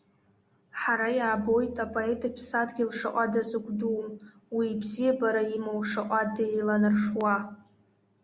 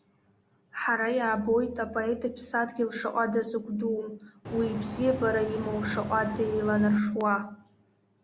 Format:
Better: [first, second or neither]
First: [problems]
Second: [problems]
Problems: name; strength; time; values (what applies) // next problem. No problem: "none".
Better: first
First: none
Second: background sound (Boat, Water vehicle); 9 dB below the speech